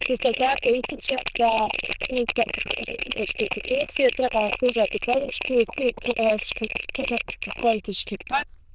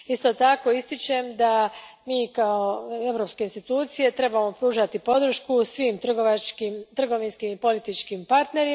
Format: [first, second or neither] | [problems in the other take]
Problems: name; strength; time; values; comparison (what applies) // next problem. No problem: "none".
second | noise reduction (neural diffusion model UNIVERSE++)